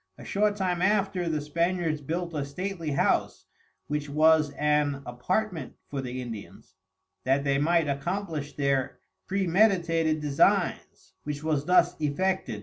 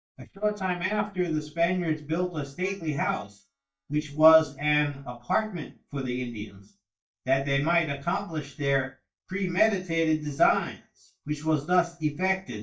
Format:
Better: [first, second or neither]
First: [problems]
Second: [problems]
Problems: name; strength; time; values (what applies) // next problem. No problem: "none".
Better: first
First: none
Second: noise reduction (neural mask model DeepFilterNet 3)